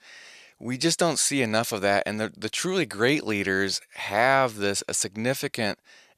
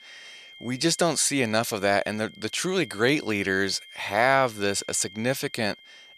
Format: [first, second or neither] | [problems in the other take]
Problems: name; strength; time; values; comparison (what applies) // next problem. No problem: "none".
first | high-pitched whine; faint; throughout; 3 kHz, 20 dB below the speech